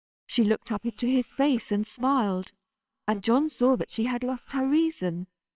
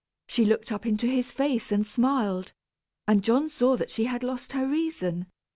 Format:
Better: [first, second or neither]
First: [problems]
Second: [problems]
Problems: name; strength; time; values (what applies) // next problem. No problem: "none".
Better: second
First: noise reduction (neural separator model SepFormer WHAMR!)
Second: none